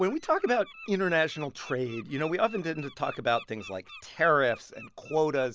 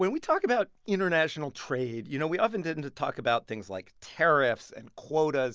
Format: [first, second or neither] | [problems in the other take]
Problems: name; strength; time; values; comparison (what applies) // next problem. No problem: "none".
second | background sound (Bird); 20 dB below the speech